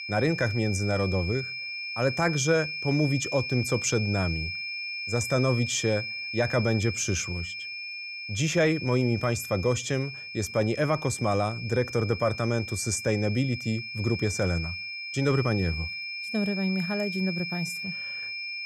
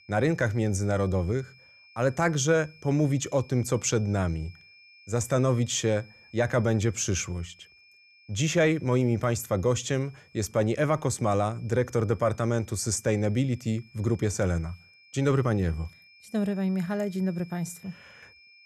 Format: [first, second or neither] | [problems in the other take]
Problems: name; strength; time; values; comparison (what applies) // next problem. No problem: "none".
second | high-pitched whine; loud; throughout; 2.5 kHz, 6 dB below the speech; faint in the second